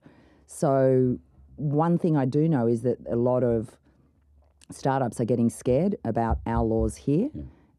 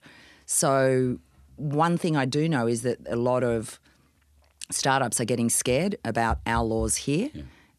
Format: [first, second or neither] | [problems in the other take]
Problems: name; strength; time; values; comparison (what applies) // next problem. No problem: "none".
second | muffled; very; fading above 1 kHz